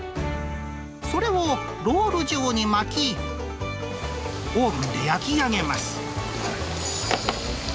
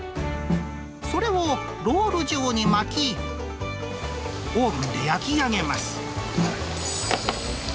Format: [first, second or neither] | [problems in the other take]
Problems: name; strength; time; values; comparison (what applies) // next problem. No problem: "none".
first | background sound (Snare drum); 6 dB below the speech